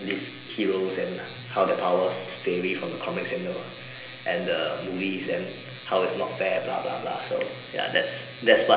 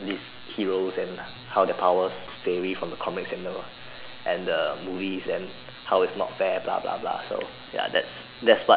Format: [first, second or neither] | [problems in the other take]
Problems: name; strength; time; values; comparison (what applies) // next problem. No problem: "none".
second | room echo; dies away in 1.4 s